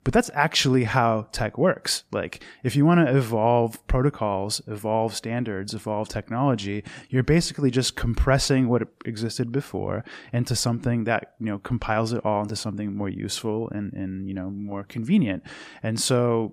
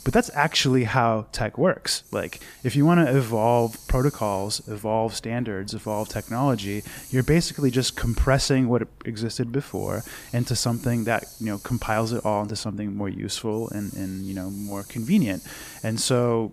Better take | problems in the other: first | hiss; noticeable; throughout; 20 dB below the speech

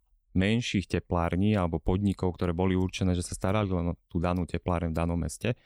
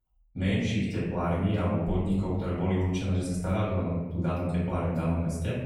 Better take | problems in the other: first | off-mic speech; far // room echo; noticeable; dies away in 1.1 s

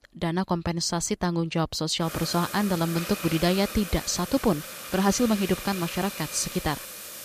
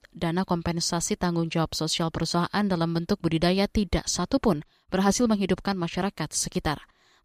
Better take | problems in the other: second | hiss; loud; from 2 s on; 9 dB below the speech

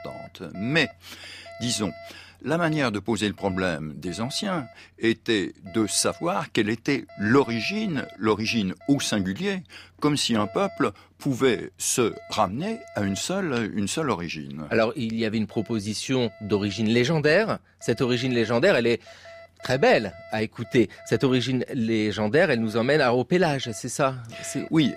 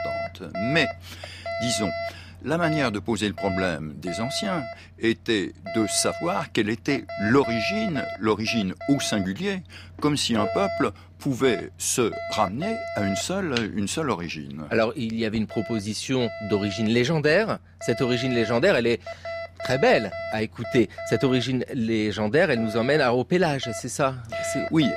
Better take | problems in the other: first | alarms or sirens; loud; throughout; 9 dB below the speech; faint in the first

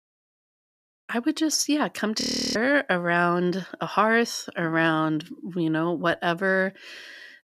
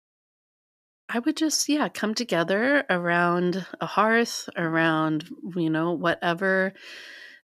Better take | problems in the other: second | audio freezing; at 2 s

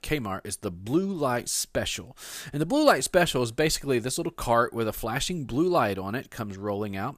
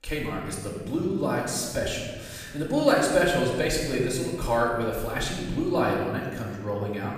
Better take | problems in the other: first | off-mic speech; far // room echo; noticeable; dies away in 1.4 s

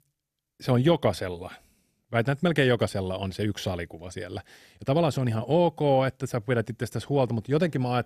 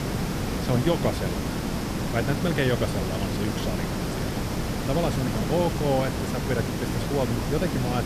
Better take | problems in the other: first | hiss; loud; throughout; as loud as the speech

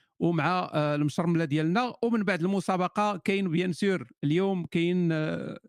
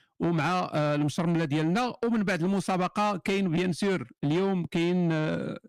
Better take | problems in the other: first | distortion; slight; 10 dB below the speech

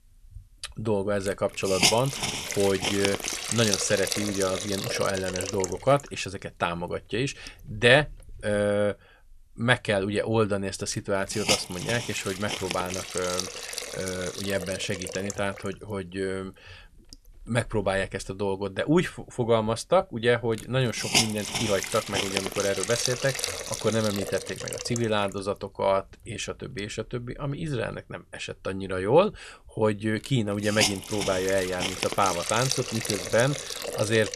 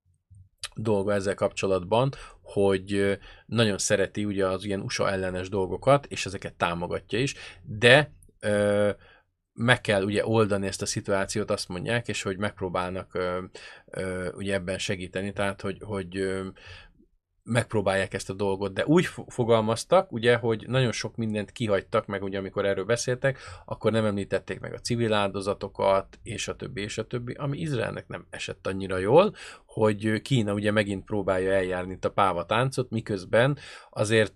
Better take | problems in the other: second | hiss; loud; throughout; 2 dB below the speech

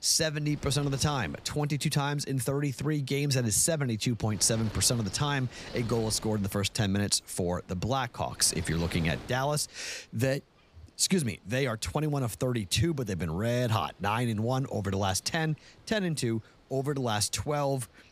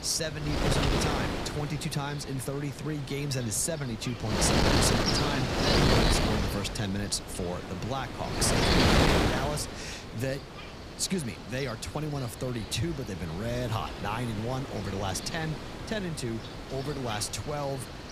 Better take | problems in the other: first | wind noise on the microphone; heavy; 4 dB above the speech; occasional gusts in the first

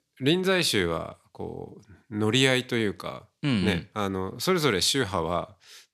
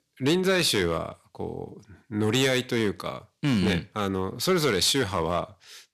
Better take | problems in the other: first | distortion; slight; 4% of the sound clipped

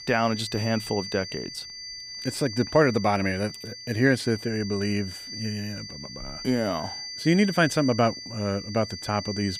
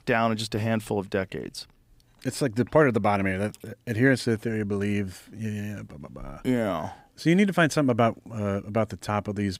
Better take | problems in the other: second | high-pitched whine; loud; throughout; 4.5 kHz, 10 dB below the speech

